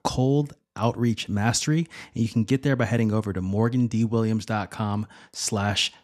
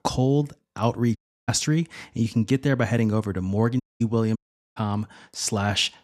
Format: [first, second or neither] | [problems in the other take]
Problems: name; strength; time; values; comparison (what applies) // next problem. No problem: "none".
first | audio cutting out; at 1 s, at 4 s and at 4.5 s